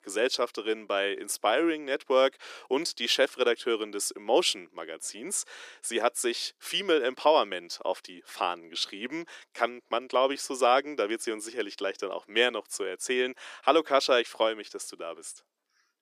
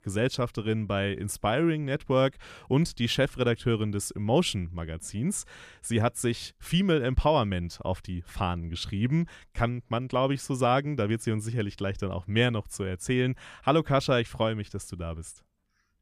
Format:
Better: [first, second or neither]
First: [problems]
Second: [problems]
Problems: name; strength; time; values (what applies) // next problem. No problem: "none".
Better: second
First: thin; very; fading below 350 Hz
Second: none